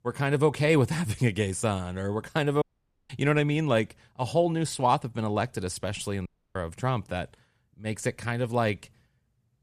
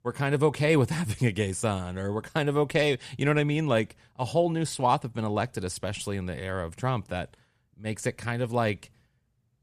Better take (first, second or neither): second